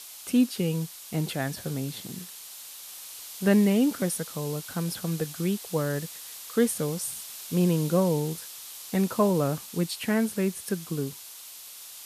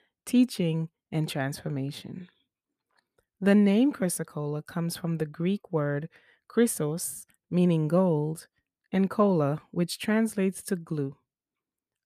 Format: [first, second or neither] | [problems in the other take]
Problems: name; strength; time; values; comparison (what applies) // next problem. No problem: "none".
second | hiss; noticeable; throughout; 10 dB below the speech